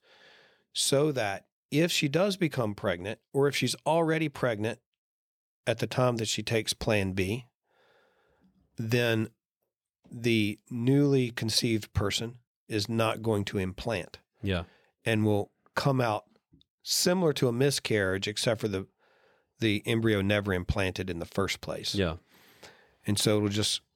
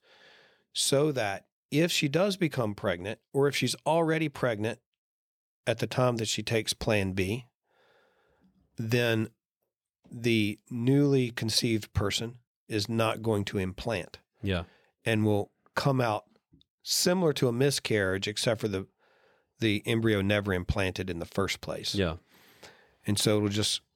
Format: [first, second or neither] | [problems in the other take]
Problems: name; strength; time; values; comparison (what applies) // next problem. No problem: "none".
neither | none